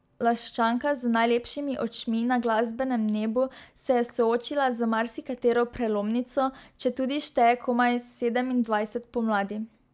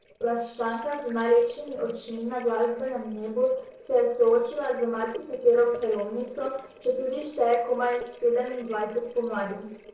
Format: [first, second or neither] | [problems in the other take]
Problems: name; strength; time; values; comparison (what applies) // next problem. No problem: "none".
first | noise reduction (neural separator model SepFormer DNS4)